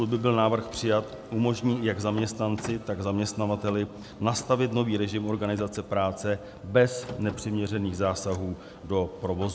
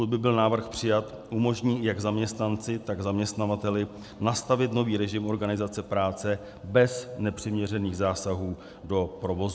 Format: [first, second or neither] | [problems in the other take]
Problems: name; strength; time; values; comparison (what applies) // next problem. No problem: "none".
second | background sound (Car); 19 dB below the speech